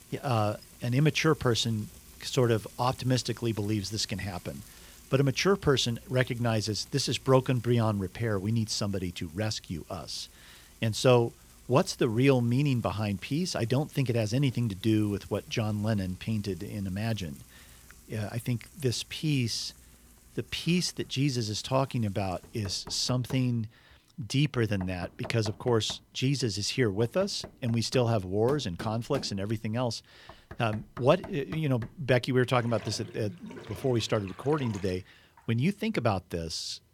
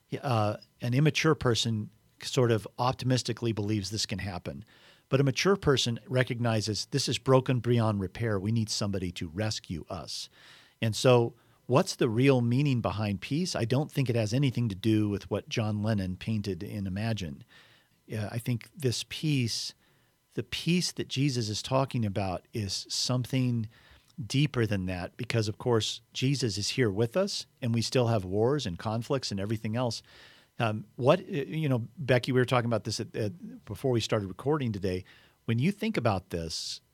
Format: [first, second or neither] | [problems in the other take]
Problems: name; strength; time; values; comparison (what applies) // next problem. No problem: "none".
second | household noises; faint; throughout; 20 dB below the speech